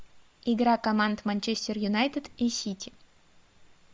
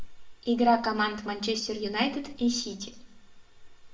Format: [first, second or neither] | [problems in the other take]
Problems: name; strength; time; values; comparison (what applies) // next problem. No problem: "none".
first | room echo; dies away in 0.5 s